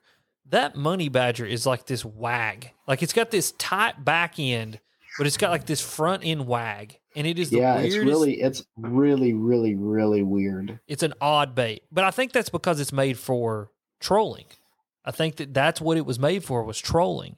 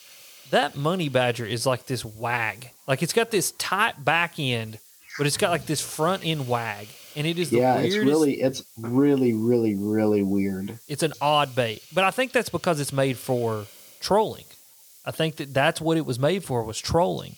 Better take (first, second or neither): first